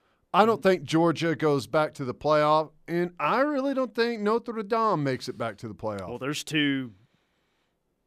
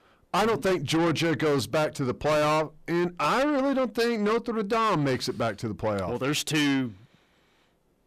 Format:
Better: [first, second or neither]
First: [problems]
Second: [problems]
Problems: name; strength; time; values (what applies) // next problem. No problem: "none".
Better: first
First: none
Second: distortion; heavy; 6 dB below the speech